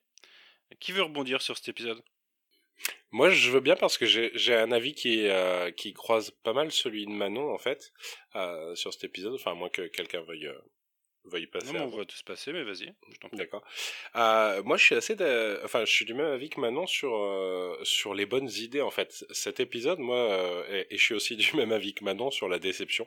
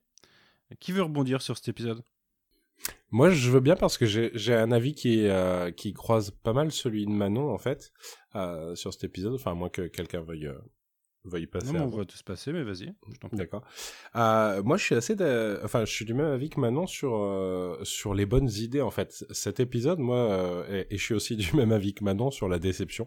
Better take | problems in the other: second | thin; somewhat; fading below 450 Hz

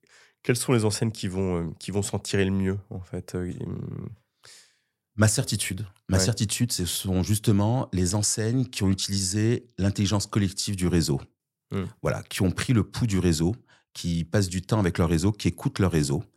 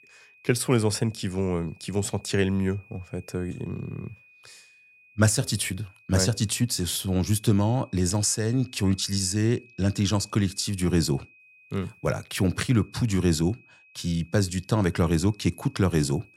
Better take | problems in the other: first | high-pitched whine; faint; throughout; 2.5 kHz, 30 dB below the speech

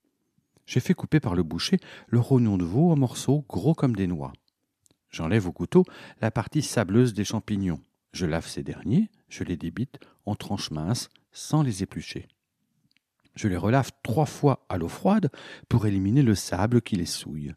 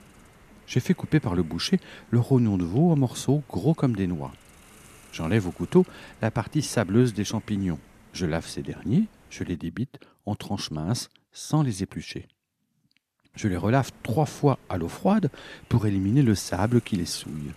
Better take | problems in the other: first | hiss; faint; until 9.5 s and from 13 s on; 25 dB below the speech

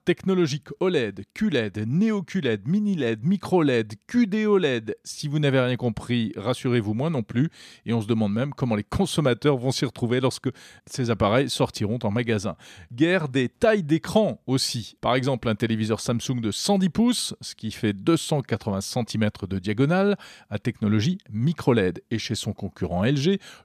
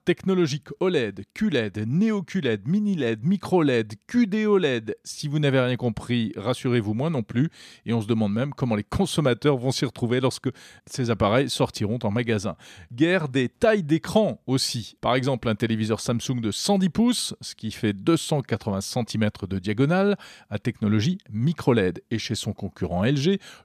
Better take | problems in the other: neither | none

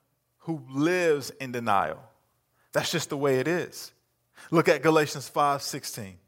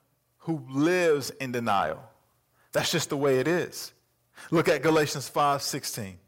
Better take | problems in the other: first | distortion; slight; 10 dB below the speech

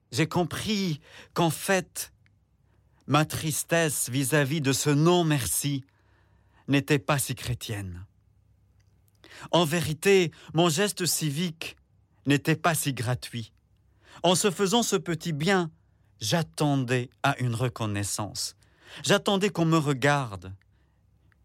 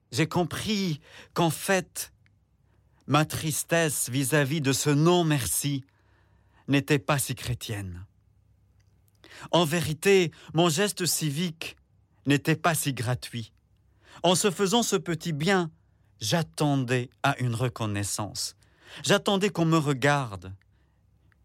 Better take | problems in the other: neither | none

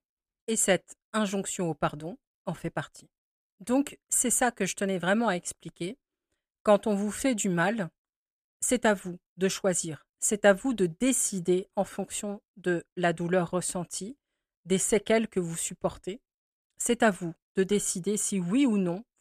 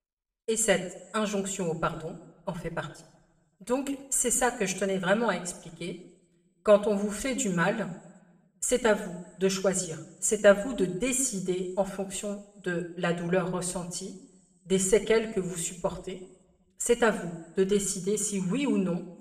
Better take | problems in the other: first | room echo; very slight; dies away in 0.6 s

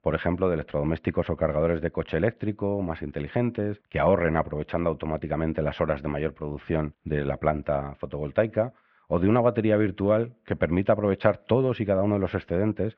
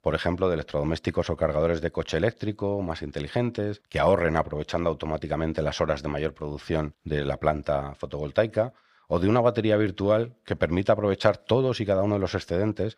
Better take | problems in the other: second | muffled; very; fading above 2.5 kHz

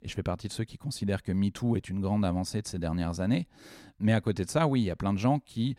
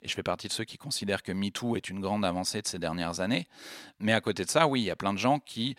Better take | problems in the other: first | thin; somewhat; fading below 600 Hz

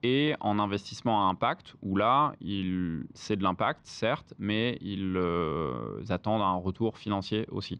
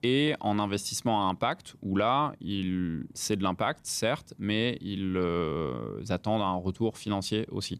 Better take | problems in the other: second | muffled; slightly; fading above 4 kHz

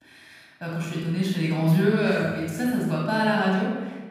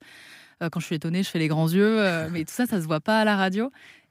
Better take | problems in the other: second | off-mic speech; far // room echo; noticeable; dies away in 1.2 s

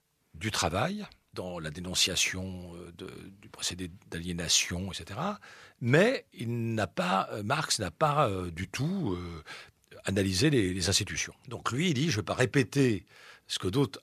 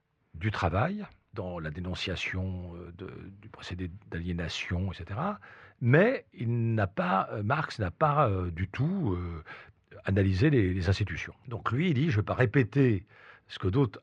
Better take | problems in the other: first | muffled; very; fading above 2 kHz

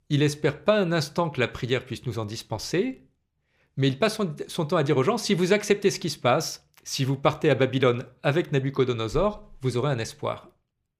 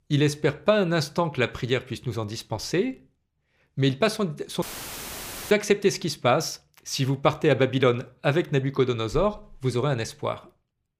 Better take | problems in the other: first | audio cutting out; filled with static; at 4.5 s for 1 s

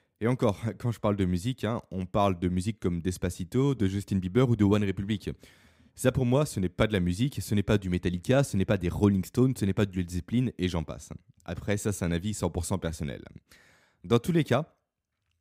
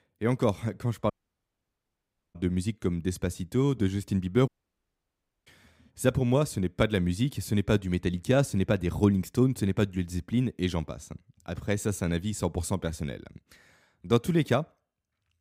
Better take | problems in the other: first | audio cutting out; at 1 s for 1 s and at 4.5 s for 1 s

